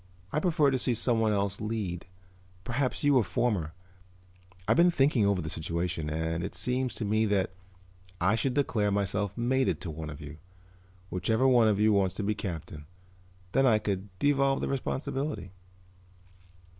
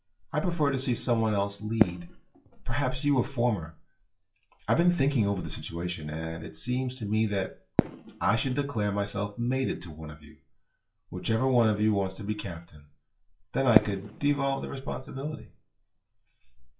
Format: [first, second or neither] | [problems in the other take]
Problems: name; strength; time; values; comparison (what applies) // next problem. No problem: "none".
first | noise reduction (classical method WPE with log-MMSE)